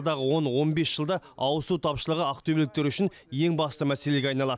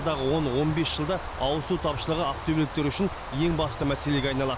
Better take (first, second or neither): first